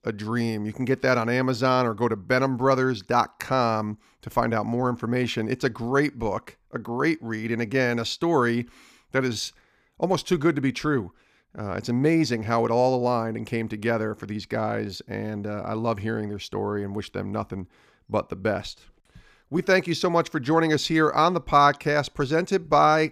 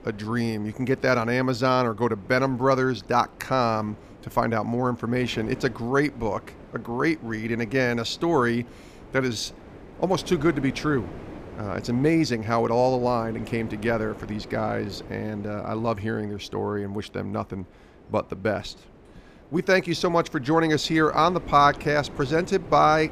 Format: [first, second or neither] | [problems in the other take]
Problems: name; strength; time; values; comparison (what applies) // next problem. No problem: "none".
first | wind noise on the microphone; occasional gusts; 20 dB below the speech